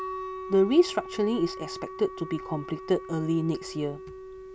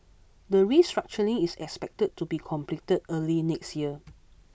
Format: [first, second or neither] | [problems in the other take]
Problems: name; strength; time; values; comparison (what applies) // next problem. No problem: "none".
second | background sound (Wind instrument, woodwind instrument); 11 dB below the speech